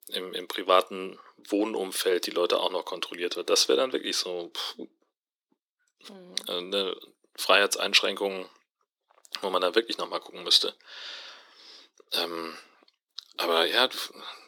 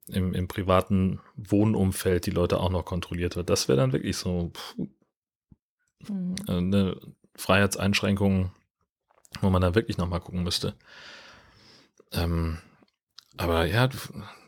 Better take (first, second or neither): second